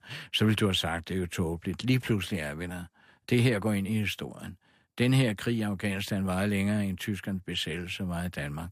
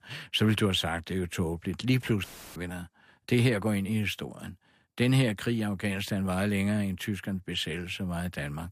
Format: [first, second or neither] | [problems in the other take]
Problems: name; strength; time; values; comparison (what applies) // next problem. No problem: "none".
first | audio cutting out; filled with static; at 2 s